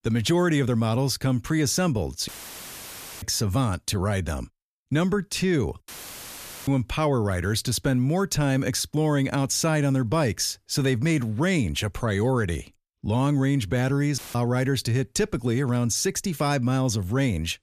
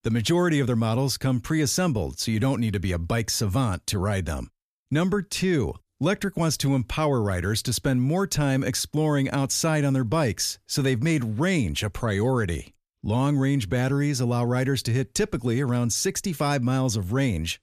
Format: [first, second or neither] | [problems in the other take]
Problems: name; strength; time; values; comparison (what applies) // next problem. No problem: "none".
second | audio cutting out; filled with static; at 2.5 s for 1 s, at 6 s for 1 s and at 14 s